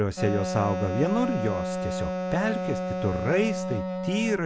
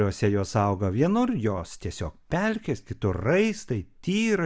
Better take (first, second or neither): second